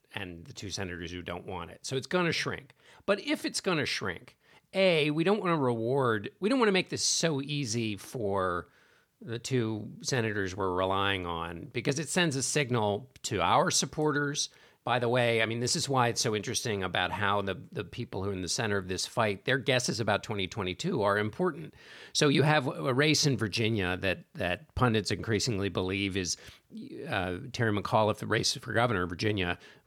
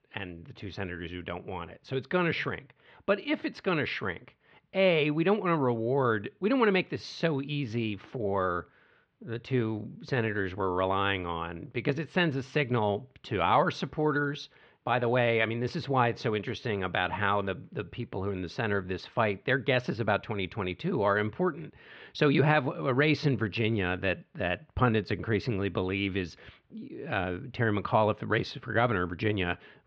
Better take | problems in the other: first | muffled; very; fading above 3 kHz

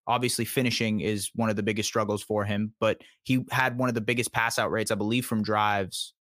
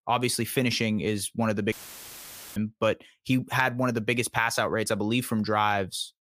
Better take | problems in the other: first | audio cutting out; filled with static; at 1.5 s for 1 s

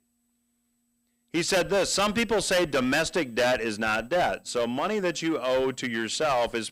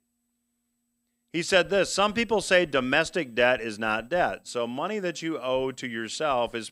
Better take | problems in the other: second | distortion; heavy; 11% of the sound clipped

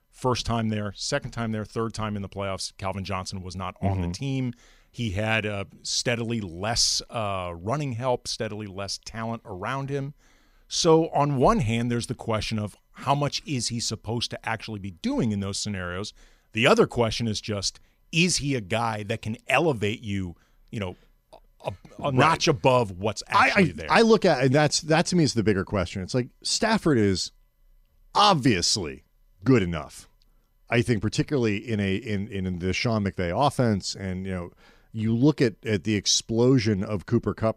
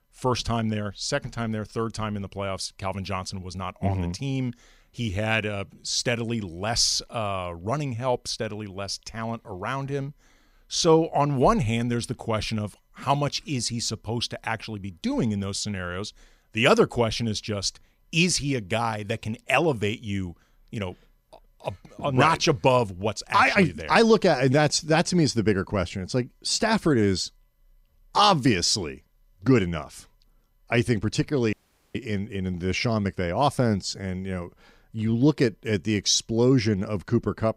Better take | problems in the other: first | audio cutting out; at 32 s

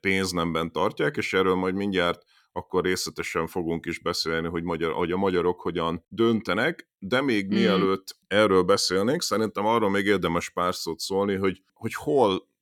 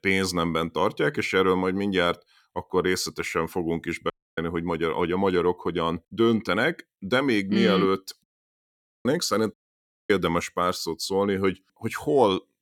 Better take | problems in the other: first | audio cutting out; at 4 s, at 8 s for 1 s and at 9.5 s for 0.5 s

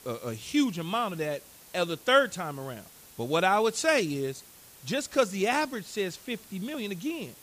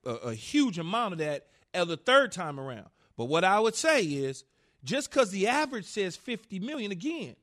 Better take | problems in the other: second | hiss; faint; throughout; 20 dB below the speech

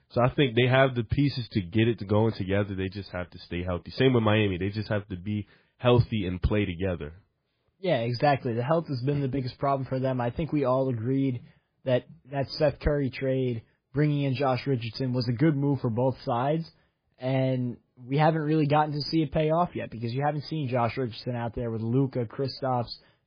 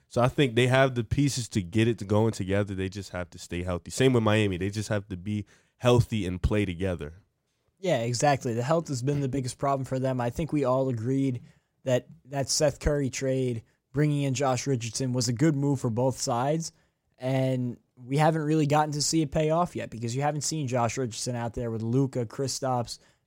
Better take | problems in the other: second | garbled, watery; badly; nothing above 5 kHz

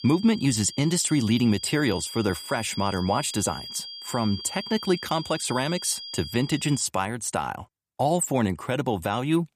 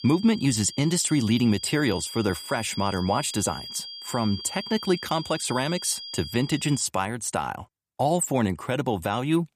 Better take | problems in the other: neither | high-pitched whine; noticeable; until 7 s; 4.5 kHz, 10 dB below the speech; the same in both

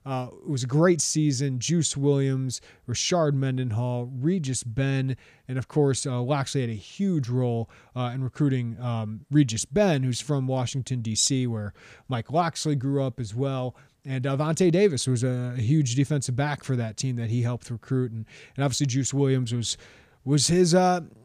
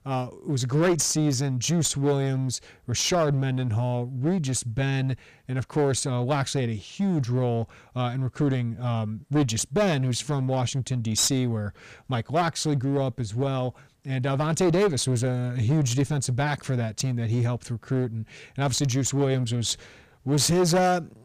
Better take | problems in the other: first | distortion; slight; 11% of the sound clipped

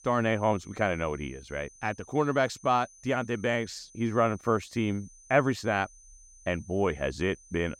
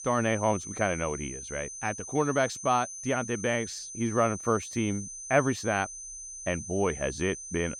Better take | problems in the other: first | high-pitched whine; loud; throughout; 6 kHz, 9 dB below the speech; faint in the first

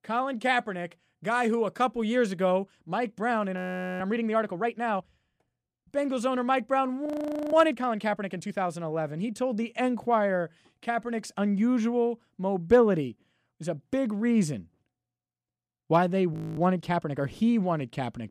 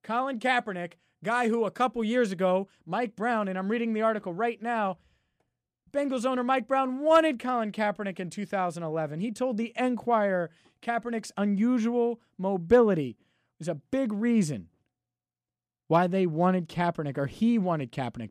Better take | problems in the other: second | audio freezing; at 3.5 s, at 7 s and at 16 s

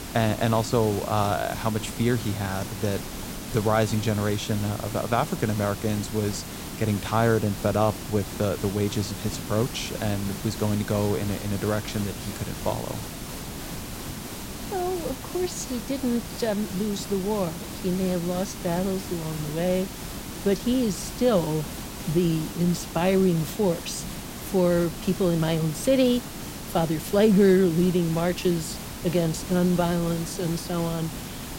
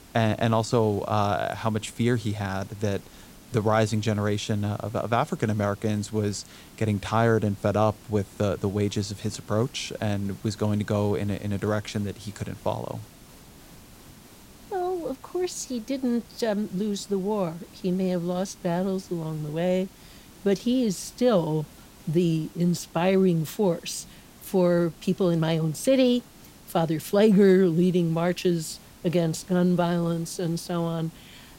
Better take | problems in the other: second | hiss; loud; throughout; 9 dB below the speech; faint in the second

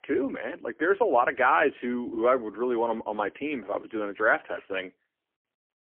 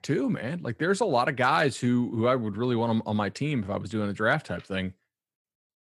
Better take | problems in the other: second | phone-call audio; poor line; nothing above 3 kHz

